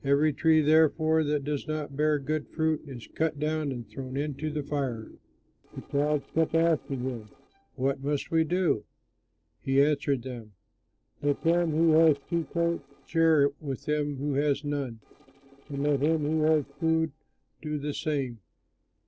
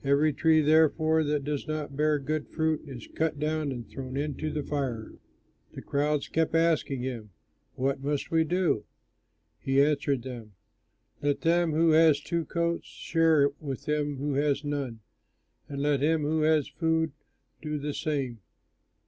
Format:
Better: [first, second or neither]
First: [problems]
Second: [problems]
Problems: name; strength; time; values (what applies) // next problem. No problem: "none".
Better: second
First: noise reduction (neural separator model SepFormer DNS4)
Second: none